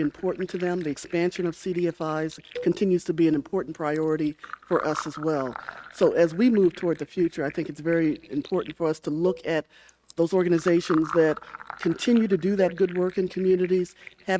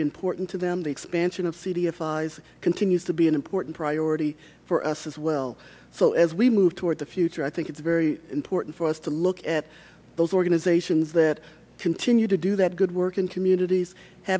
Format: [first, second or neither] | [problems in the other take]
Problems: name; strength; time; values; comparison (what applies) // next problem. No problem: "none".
second | noise reduction (neural mask model RNNoise)